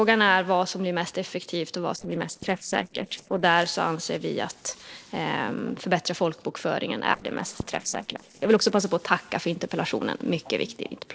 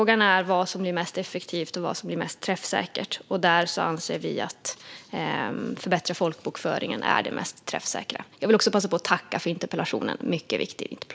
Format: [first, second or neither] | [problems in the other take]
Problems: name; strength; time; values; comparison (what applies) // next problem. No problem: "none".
second | noise reduction (neural separator model SepFormer DNS4)